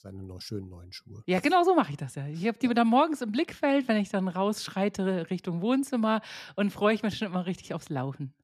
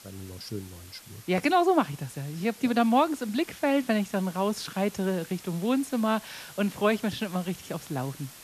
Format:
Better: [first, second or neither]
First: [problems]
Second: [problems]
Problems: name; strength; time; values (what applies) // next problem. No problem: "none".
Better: first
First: none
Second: hiss; noticeable; throughout; 20 dB below the speech